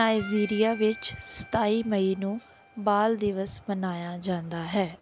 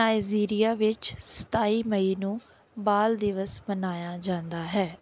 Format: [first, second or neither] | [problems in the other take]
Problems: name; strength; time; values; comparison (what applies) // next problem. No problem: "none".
second | background sound (Harmonica); 20 dB below the speech